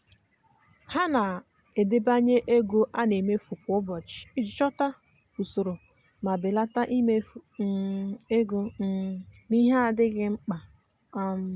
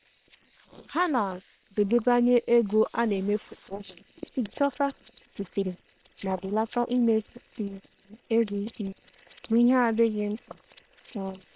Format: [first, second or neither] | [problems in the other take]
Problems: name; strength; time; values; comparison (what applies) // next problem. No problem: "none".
first | noise reduction (neural separator model SepFormer WHAM!)